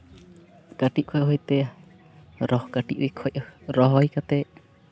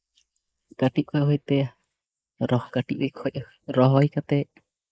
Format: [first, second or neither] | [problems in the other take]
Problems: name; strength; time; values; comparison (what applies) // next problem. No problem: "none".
first | noise reduction (neural mask model Resemble Enhance denoiser)